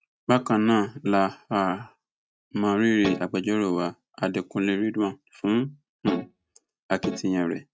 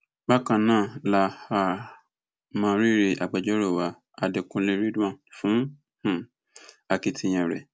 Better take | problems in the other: second | noise reduction (neural mask model RNNoise)

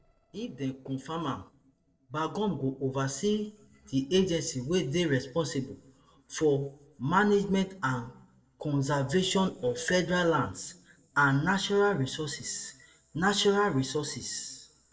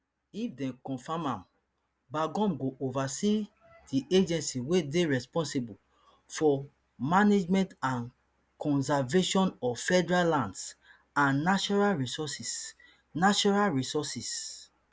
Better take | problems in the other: second | noise reduction (neural separator model SepFormer DNS4)

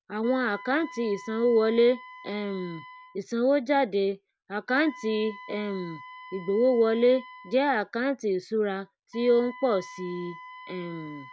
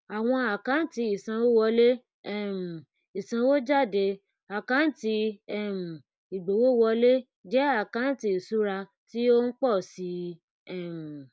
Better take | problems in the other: second | background sound (Wind instrument, woodwind instrument); 19 dB below the speech

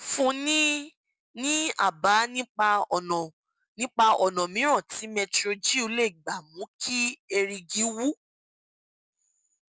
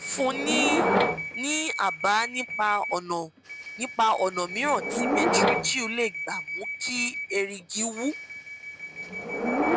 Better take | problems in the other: first | background sound (Subway, metro, underground / Door); as loud as the speech

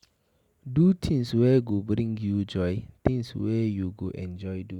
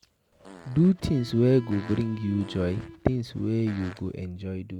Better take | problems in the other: first | background sound (Fart + Electric guitar); 18 dB below the speech

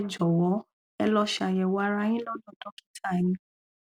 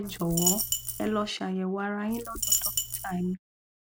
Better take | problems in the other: first | background sound (Coin (dropping)); 1 dB above the speech

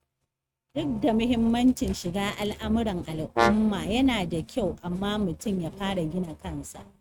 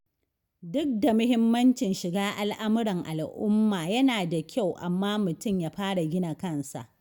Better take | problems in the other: second | noise reduction (neural mask model RNNoise)

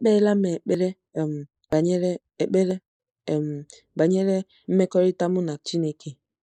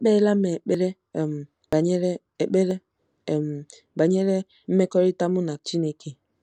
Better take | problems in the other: second | noise reduction (neural mask model Resemble Enhance denoiser)

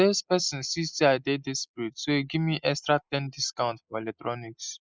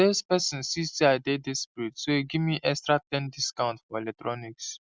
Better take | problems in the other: second | noise reduction (neural mask model Resemble Enhance denoiser)

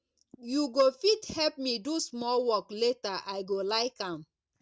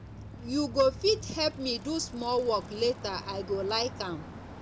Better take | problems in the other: first | background sound (Bicycle); 13 dB below the speech

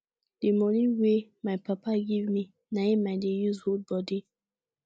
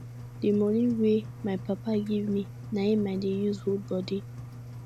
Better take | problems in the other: first | background sound (Engine); 13 dB below the speech

